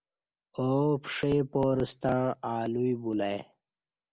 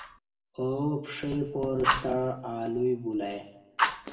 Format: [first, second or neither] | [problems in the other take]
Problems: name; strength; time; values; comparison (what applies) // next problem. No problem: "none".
first | background sound (Fire); 4 dB below the speech // room echo; dies away in 0.7 s